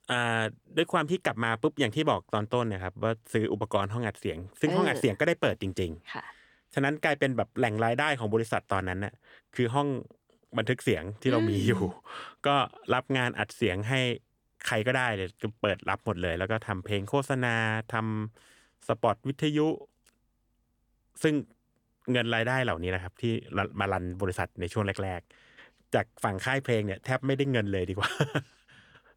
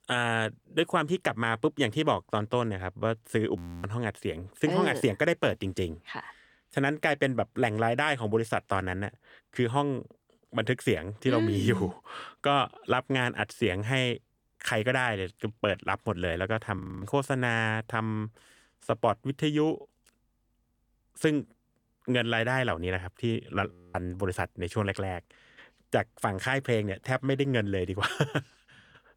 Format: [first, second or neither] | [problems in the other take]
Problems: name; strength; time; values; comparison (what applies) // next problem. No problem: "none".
first | audio freezing; at 3.5 s, at 17 s and at 24 s